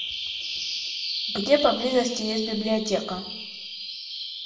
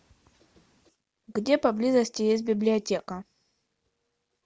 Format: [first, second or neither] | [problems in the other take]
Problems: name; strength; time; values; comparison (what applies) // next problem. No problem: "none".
second | background sound (Bird vocalization, bird call, bird song); 5 dB below the speech // room echo; dies away in 0.6 s